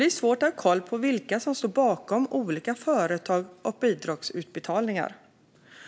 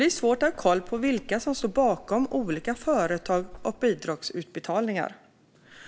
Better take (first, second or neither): first